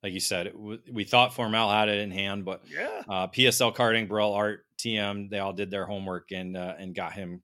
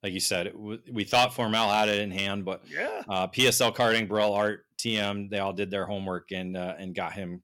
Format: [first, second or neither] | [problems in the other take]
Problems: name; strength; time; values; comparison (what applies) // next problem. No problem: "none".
first | distortion; slight; 1.3% of the sound clipped